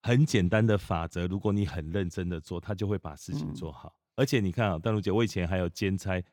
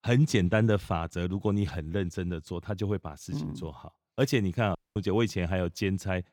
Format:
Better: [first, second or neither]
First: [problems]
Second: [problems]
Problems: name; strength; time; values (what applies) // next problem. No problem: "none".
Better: first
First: none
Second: audio cutting out; at 5 s